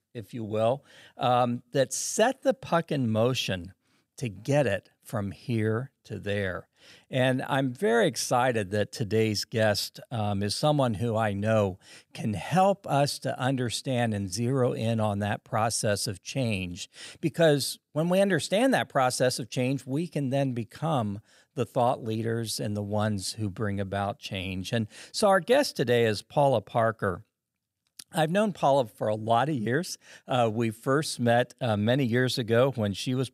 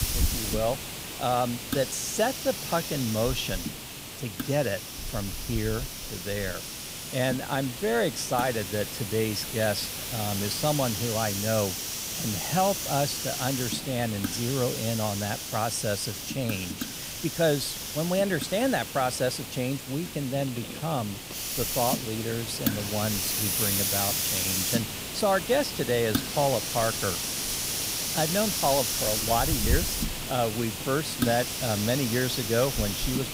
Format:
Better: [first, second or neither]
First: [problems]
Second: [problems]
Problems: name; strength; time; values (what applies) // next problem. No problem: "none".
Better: first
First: none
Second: hiss; loud; throughout; 1 dB below the speech